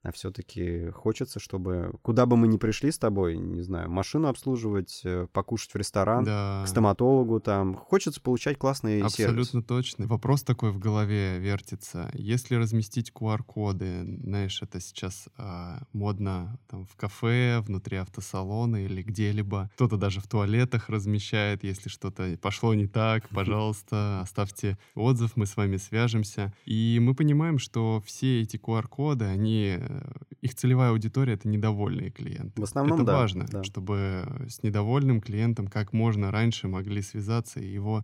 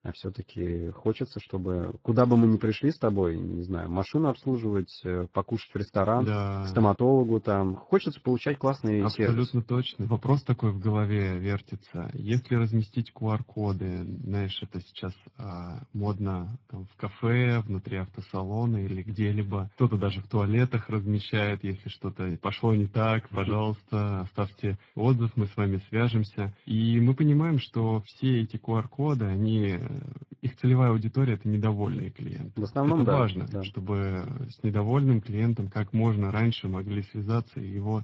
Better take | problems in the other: first | garbled, watery; badly; nothing above 16 kHz

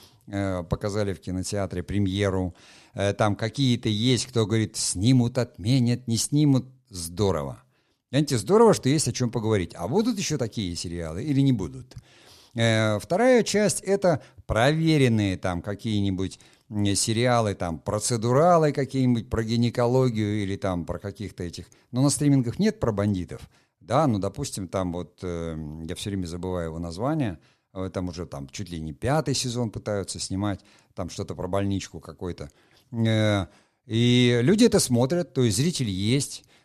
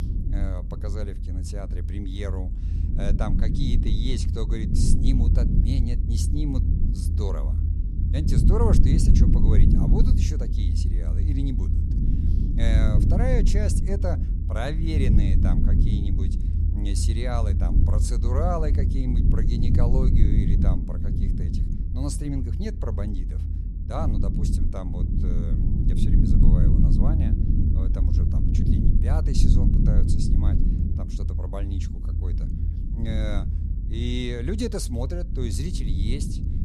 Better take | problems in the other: first | low rumble; loud; throughout; 2 dB below the speech

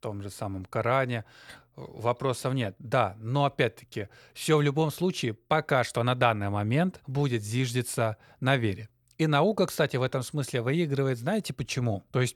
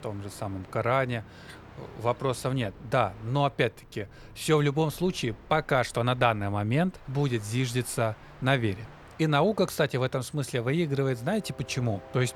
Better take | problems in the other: first | train or aircraft noise; faint; throughout; 20 dB below the speech

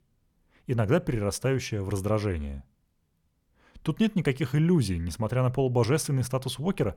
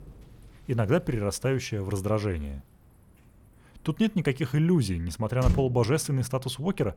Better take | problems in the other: first | traffic noise; loud; throughout; 5 dB below the speech

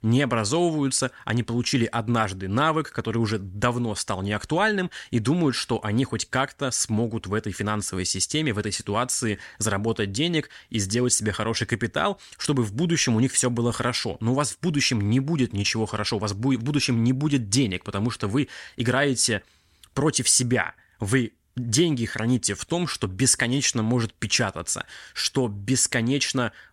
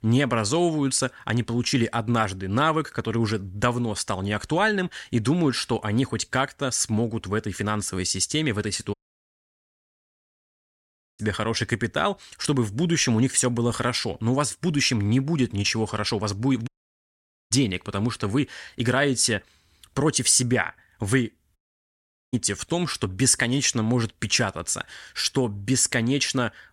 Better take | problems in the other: first | audio cutting out; at 9 s for 2.5 s, at 17 s for 1 s and at 22 s for 1 s

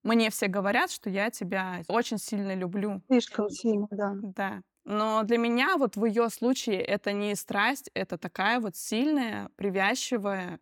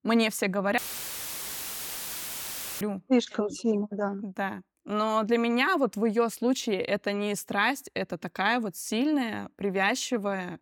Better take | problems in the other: first | audio cutting out; filled with static; at 1 s for 2 s

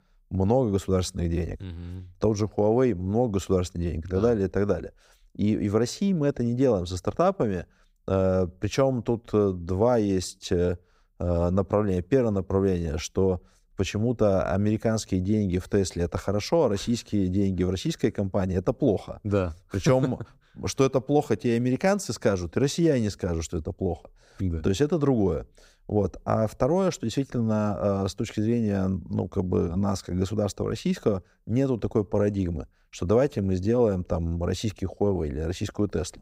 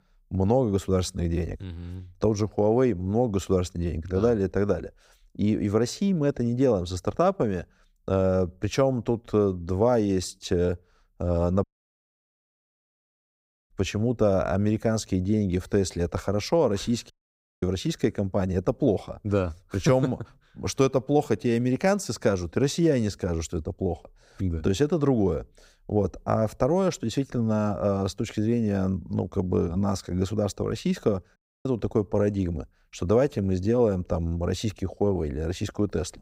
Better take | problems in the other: first | audio cutting out; at 12 s for 2 s, at 17 s for 0.5 s and at 31 s

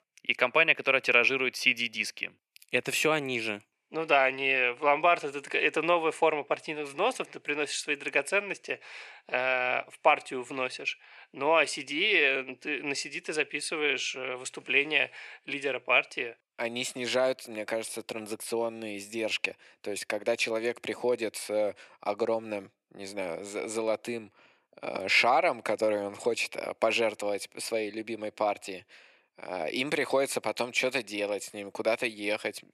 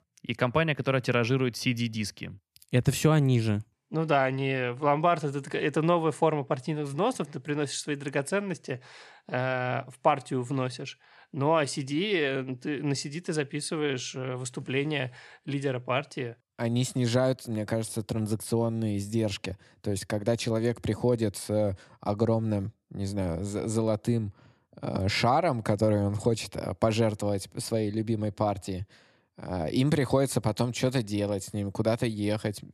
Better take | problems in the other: second | thin; somewhat; fading below 450 Hz

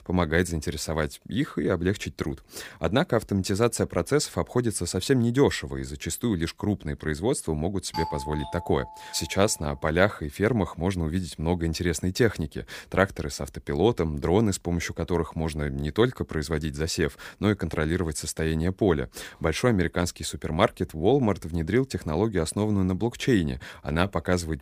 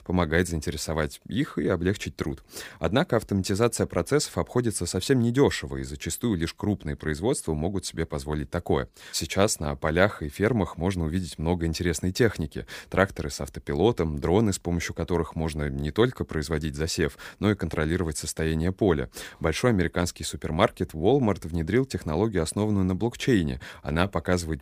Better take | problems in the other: second | doorbell; noticeable; from 8 to 9.5 s; peak 7 dB below the speech

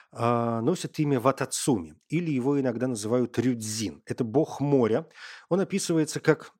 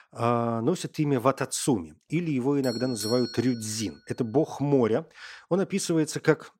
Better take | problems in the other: first | doorbell; noticeable; from 2.5 to 4 s; peak 7 dB below the speech

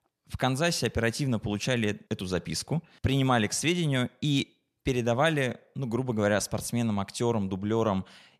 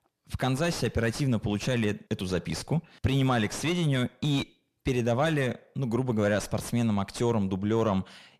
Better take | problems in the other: first | distortion; slight; 9 dB below the speech

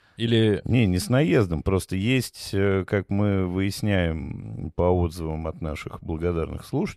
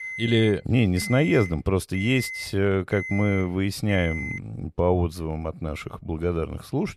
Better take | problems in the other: first | alarm; noticeable; until 4.5 s; peak 6 dB below the speech

